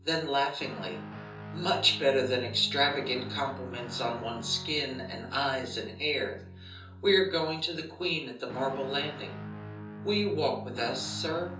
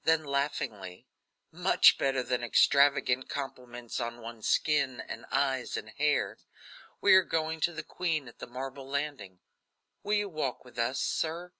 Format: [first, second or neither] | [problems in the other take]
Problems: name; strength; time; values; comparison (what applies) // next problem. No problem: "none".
second | background sound (Guitar); 11 dB below the speech // room echo; dies away in 0.6 s